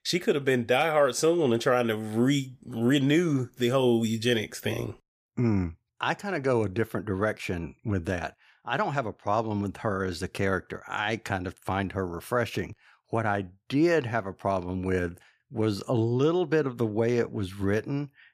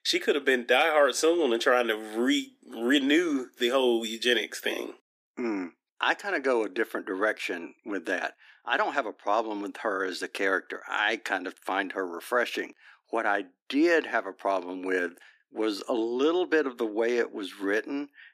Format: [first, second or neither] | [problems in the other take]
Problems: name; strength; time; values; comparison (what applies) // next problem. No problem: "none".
first | thin; very slightly; fading below 250 Hz